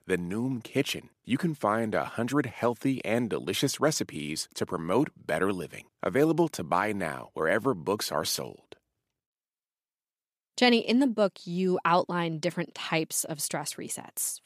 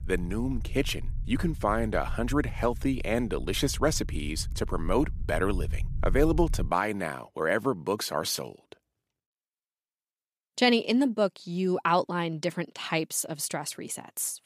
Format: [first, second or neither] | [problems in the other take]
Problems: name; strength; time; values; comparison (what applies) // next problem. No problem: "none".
first | low rumble; faint; until 6.5 s; 25 dB below the speech